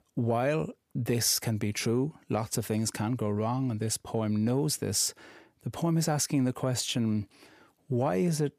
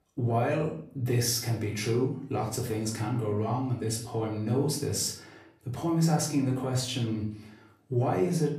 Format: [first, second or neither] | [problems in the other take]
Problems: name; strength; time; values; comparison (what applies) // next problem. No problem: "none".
first | off-mic speech; far // room echo; slight; dies away in 0.5 s